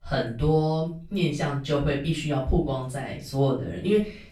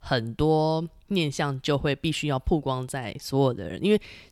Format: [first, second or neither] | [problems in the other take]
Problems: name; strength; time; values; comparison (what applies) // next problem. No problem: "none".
second | room echo; noticeable; dies away in 0.3 s // off-mic speech; far